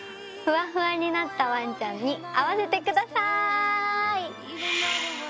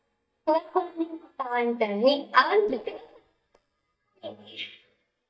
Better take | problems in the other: first | noise reduction (neural mask model DeepFilterNet 3)

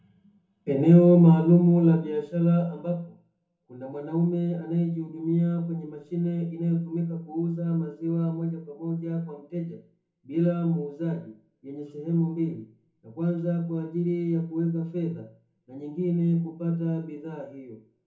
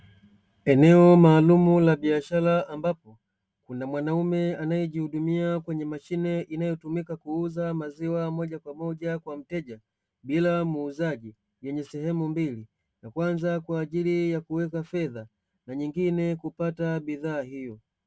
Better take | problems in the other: second | room echo; dies away in 0.6 s

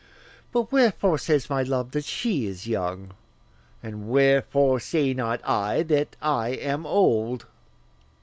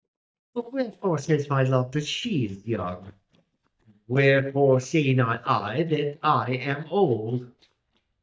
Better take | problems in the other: first | noise reduction (neural mask model DeepFilterNet 3)

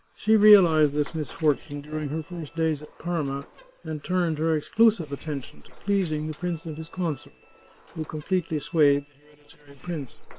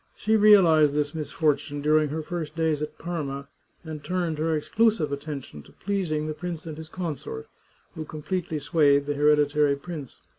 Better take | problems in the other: second | noise reduction (neural separator model SepFormer WHAM!)

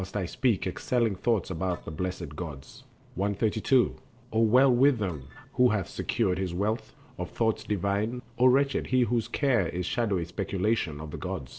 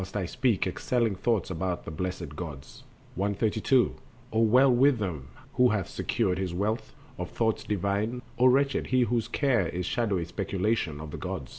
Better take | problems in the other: second | noise reduction (neural separator model SepFormer DNS4)

